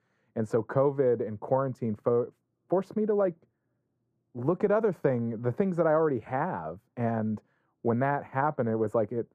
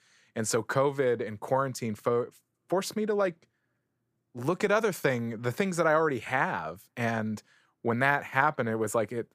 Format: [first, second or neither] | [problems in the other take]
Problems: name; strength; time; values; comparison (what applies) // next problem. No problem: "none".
second | muffled; very; fading above 2 kHz